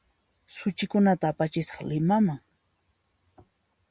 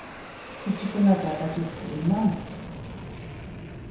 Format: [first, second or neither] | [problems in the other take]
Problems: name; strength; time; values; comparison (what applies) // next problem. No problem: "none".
first | background sound (Fixed-wing aircraft, airplane); 10 dB below the speech // room echo; dies away in 0.7 s